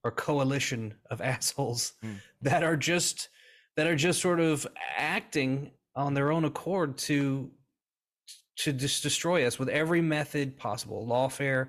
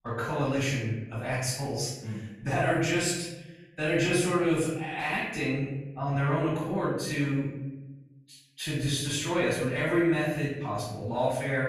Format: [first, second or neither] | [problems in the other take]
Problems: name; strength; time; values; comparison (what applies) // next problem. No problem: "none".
first | off-mic speech; far // room echo; noticeable; dies away in 0.9 s